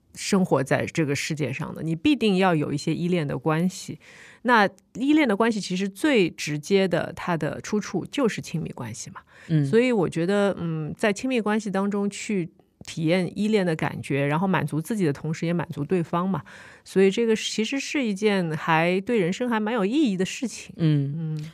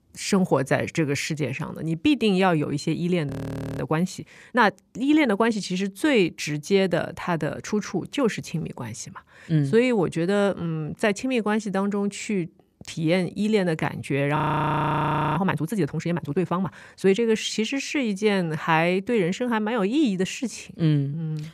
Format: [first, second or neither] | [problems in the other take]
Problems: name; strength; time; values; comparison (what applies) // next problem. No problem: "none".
first | audio freezing; at 3.5 s and at 14 s for 1 s